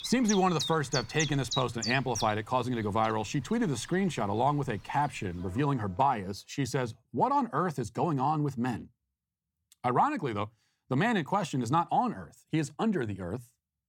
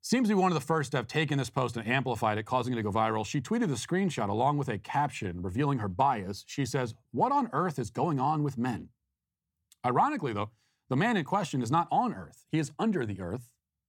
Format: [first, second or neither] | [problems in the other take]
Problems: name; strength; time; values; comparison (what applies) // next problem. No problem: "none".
second | animal sounds; loud; until 6 s; 6 dB below the speech